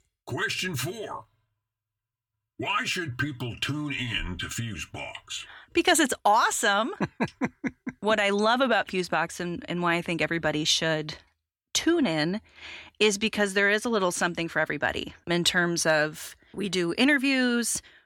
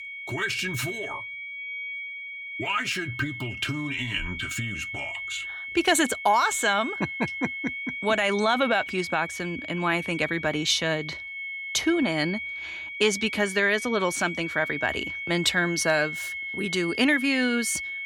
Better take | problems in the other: first | high-pitched whine; loud; throughout; 2 kHz, 7 dB below the speech

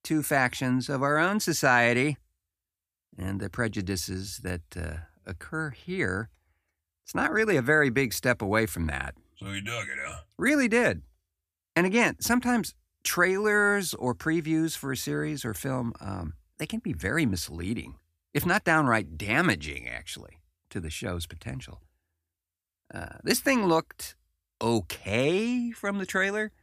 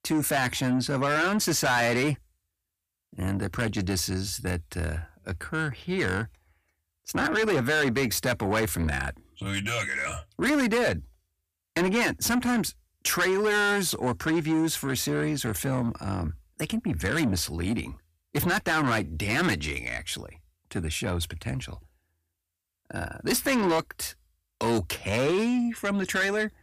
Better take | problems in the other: first | distortion; heavy; 7 dB below the speech

